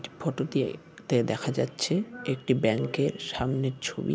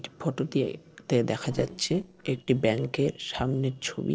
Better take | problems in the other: first | noise reduction (neural separator model SepFormer DNS4)

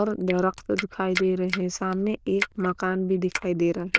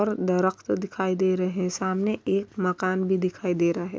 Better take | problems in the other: second | noise reduction (neural diffusion model UNIVERSE++)

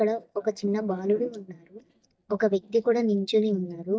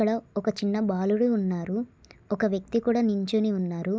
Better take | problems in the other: second | noise reduction (neural mask model DeepFilterNet 3)

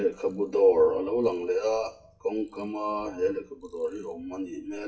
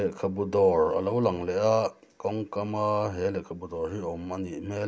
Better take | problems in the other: second | noise reduction (classical method WPE with log-MMSE)

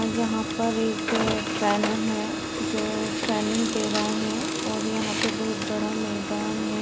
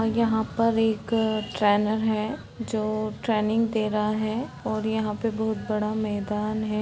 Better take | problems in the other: second | background sound (Printer); 1 dB below the speech

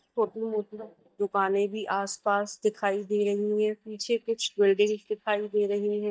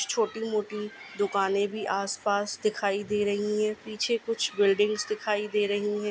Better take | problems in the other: second | noise reduction (neural mask model DeepFilterNet 3)

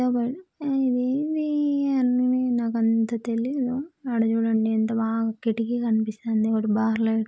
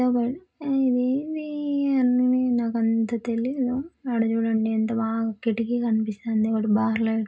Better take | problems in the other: first | room echo; dies away in 0.2 s

